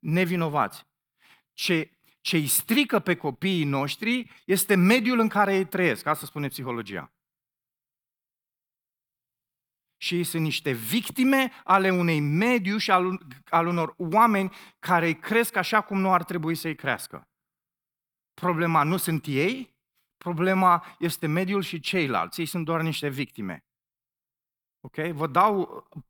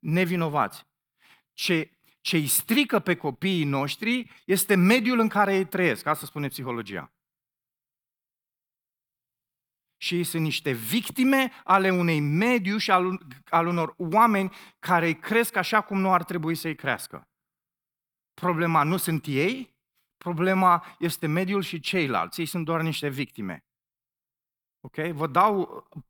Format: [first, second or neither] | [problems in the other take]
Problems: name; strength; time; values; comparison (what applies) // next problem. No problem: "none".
neither | none